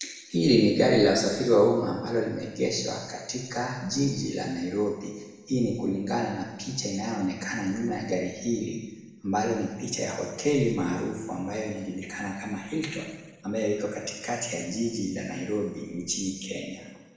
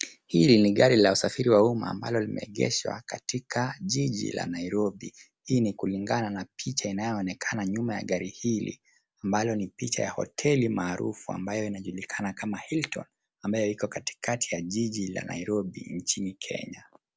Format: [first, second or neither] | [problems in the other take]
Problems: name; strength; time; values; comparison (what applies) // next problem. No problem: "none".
second | room echo; dies away in 1.1 s